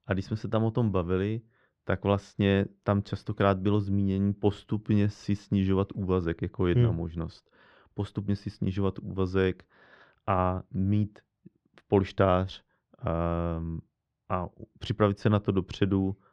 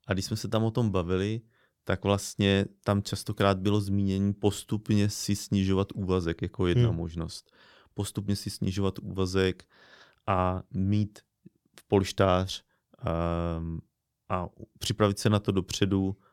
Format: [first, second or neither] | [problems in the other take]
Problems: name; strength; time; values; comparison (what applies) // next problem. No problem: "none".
second | muffled; slightly; fading above 2.5 kHz